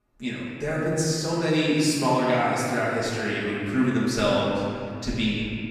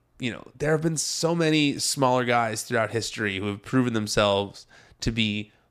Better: second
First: off-mic speech; far // room echo; strong; dies away in 2.5 s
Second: none

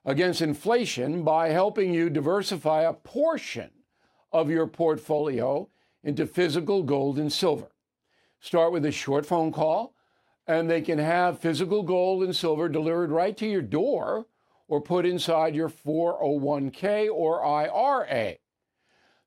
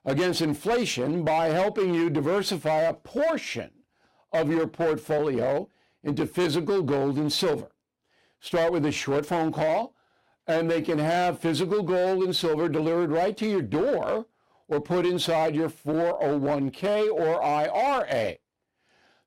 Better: first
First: none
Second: distortion; slight; 14% of the sound clipped

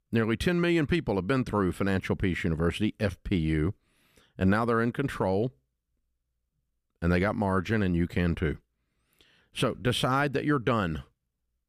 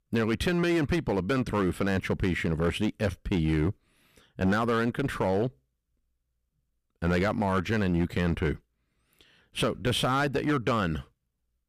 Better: first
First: none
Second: distortion; slight; 11% of the sound clipped

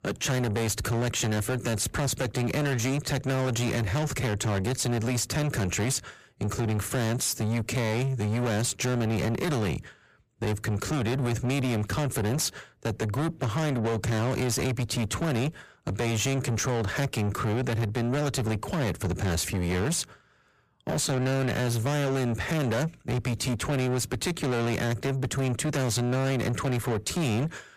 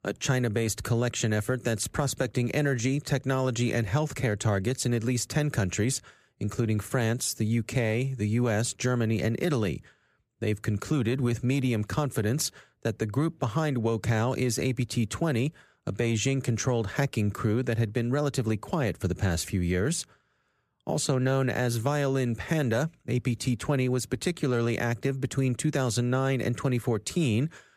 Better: second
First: distortion; heavy; 8 dB below the speech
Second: none

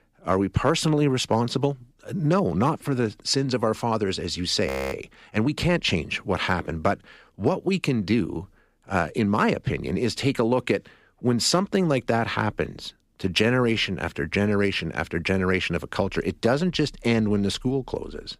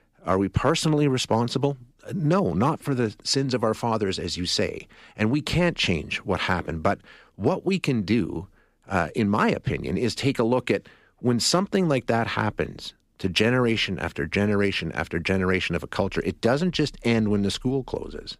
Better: second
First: audio freezing; at 4.5 s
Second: none

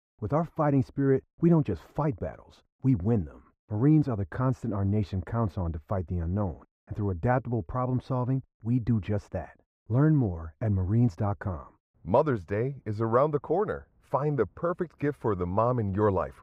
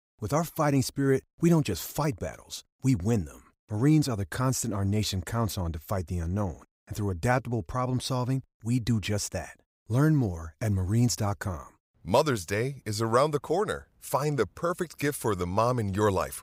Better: second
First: muffled; very; fading above 3 kHz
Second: none

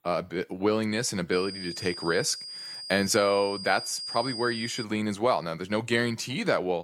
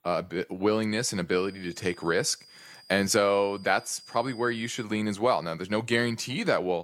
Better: second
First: high-pitched whine; loud; from 1.5 to 5 s; 5 kHz, 8 dB below the speech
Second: high-pitched whine; faint; from 1.5 to 5 s; 5 kHz, 25 dB below the speech

